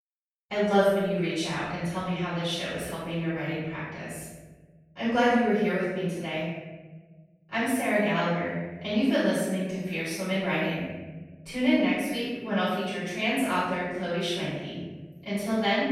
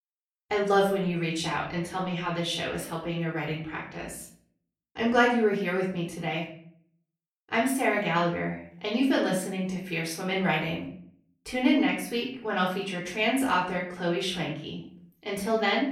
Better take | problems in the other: second | room echo; strong; dies away in 1.4 s; slight in the second // off-mic speech; far; far in the second

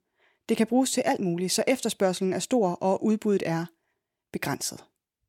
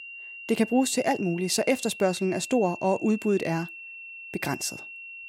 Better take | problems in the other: first | high-pitched whine; noticeable; throughout; 2.5 kHz, 15 dB below the speech

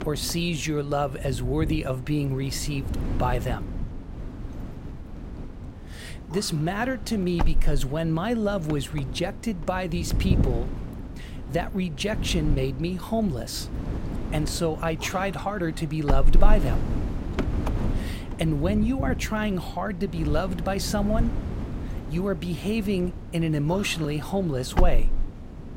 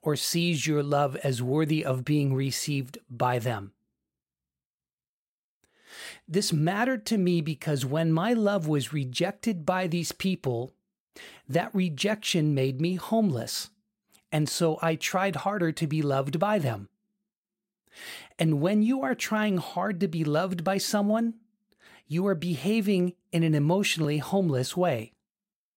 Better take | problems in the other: second | wind noise on the microphone; occasional gusts; 10 dB below the speech

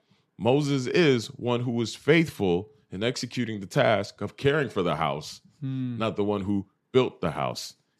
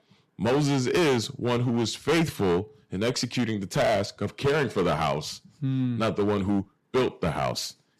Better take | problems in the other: first | distortion; heavy; 12% of the sound clipped

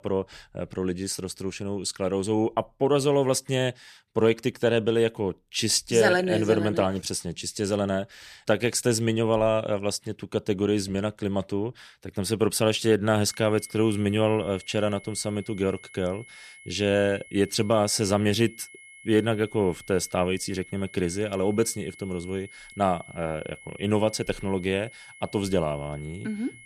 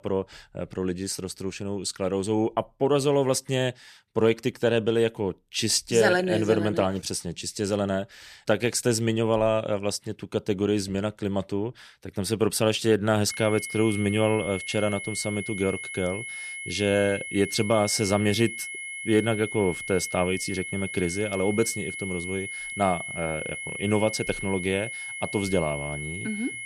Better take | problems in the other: first | high-pitched whine; loud; from 13 s on; 2 kHz, 7 dB below the speech; faint in the first

